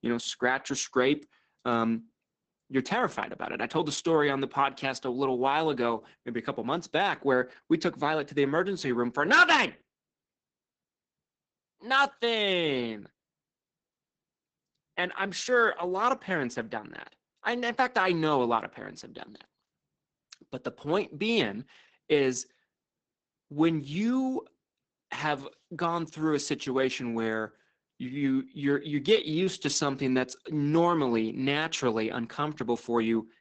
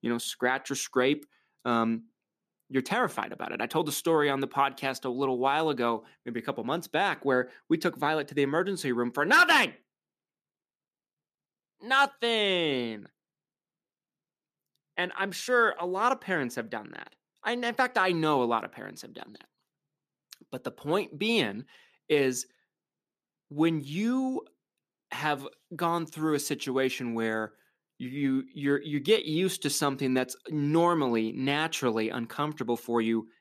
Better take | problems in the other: second | garbled, watery; badly; nothing above 7.5 kHz

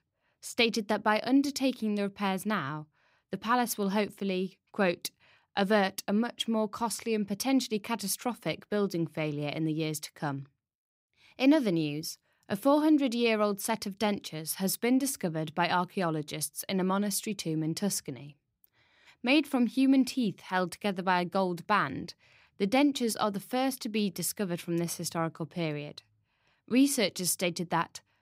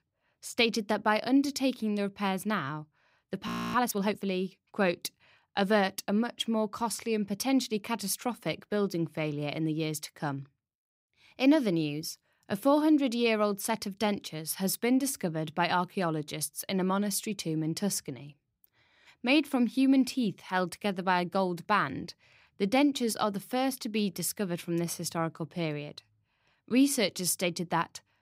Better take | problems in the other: first | audio freezing; at 3.5 s

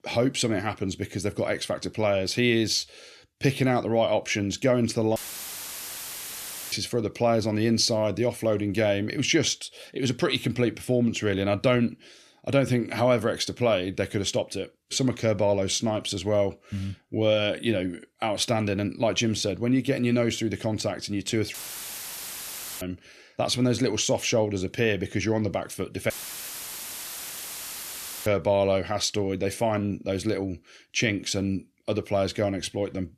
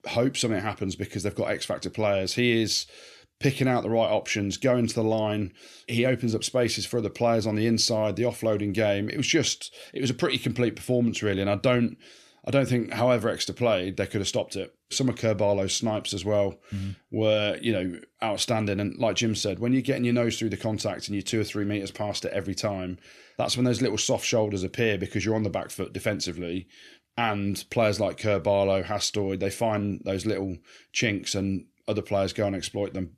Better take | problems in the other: second | audio cutting out; filled with static; at 5 s for 1.5 s, at 22 s for 1.5 s and at 26 s for 2 s

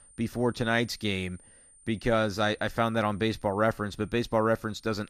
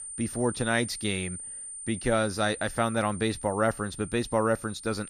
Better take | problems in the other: first | high-pitched whine; loud; throughout; 9 kHz, 10 dB below the speech; faint in the first

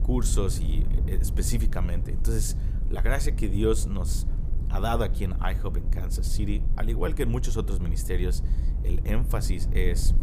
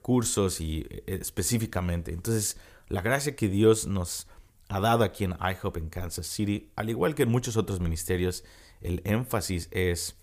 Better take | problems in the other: second | wind noise on the microphone; occasional gusts; 10 dB below the speech

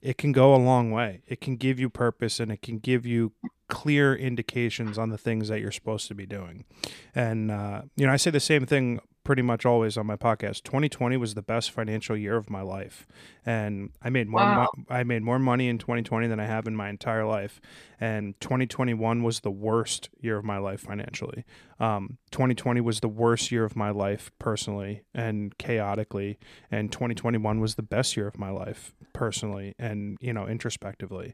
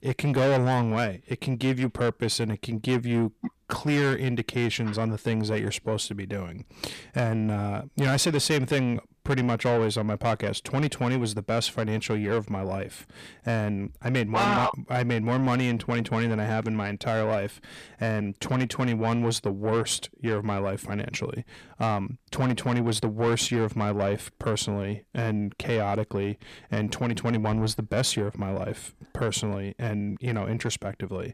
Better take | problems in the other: first | distortion; heavy; 8 dB below the speech

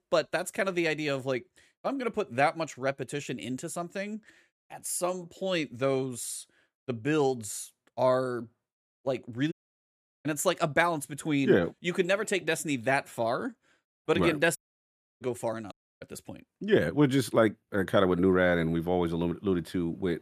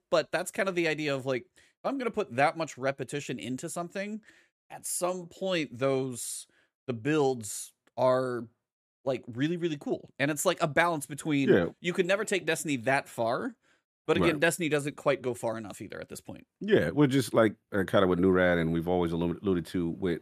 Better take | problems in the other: second | audio cutting out; at 9.5 s for 0.5 s, at 15 s for 0.5 s and at 16 s

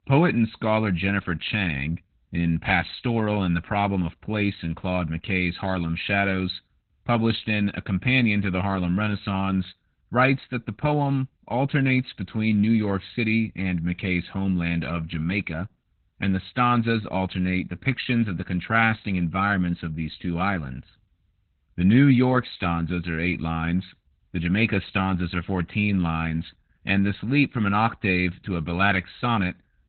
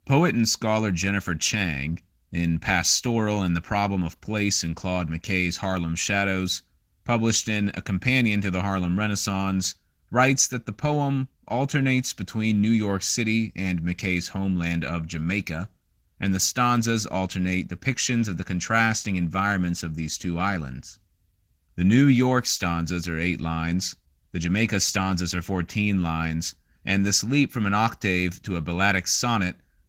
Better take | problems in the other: second | garbled, watery; badly; nothing above 4 kHz; slightly in the second

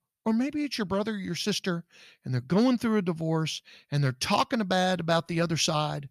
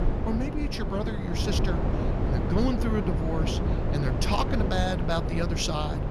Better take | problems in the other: first | wind noise on the microphone; heavy; 3 dB below the speech

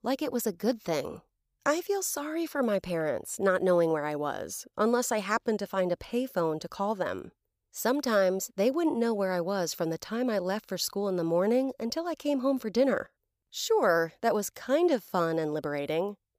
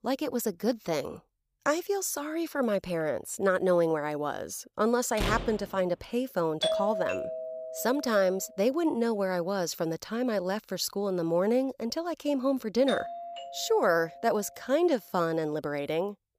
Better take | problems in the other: first | door banging; noticeable; at 5 s; peak 3 dB below the speech // doorbell; loud; from 6.5 to 8 s; peak 1 dB above the speech // doorbell; noticeable; from 13 to 14 s; peak 7 dB below the speech

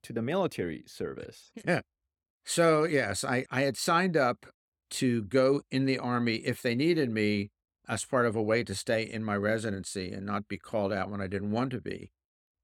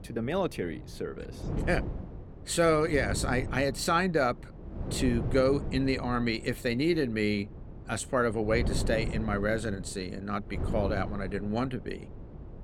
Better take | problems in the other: first | wind noise on the microphone; occasional gusts; 15 dB below the speech

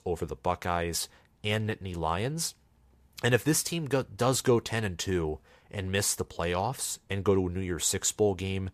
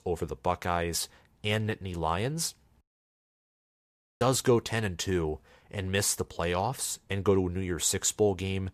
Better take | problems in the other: first | audio cutting out; at 3 s for 1.5 s

